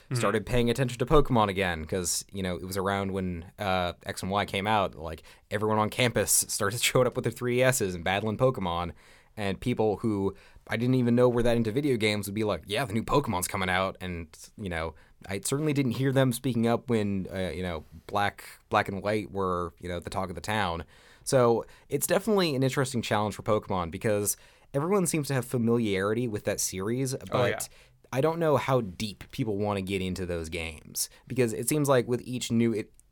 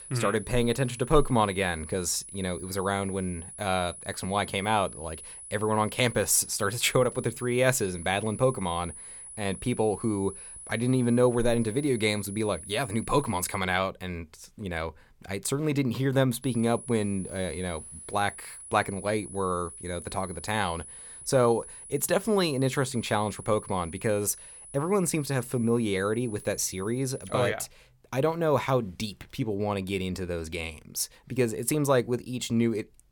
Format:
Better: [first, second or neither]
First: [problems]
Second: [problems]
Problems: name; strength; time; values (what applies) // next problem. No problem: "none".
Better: first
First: none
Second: high-pitched whine; noticeable; until 14 s and from 16 to 27 s; 10 kHz, 15 dB below the speech